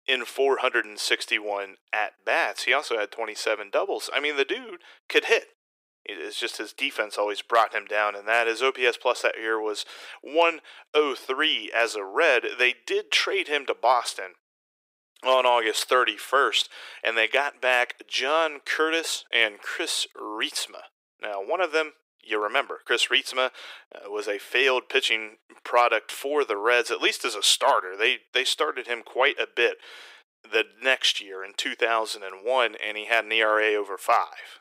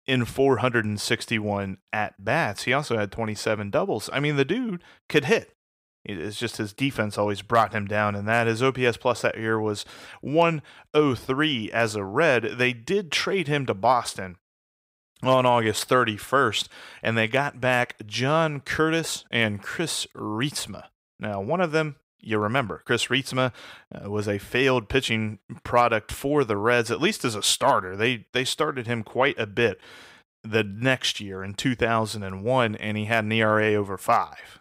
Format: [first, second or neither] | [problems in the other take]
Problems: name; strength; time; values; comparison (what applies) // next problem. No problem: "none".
second | thin; very; fading below 350 Hz